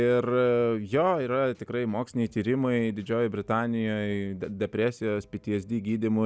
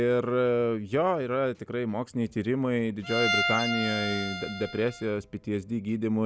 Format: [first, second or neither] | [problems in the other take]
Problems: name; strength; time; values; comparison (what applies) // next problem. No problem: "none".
first | background sound (Bowed string instrument); 4 dB below the speech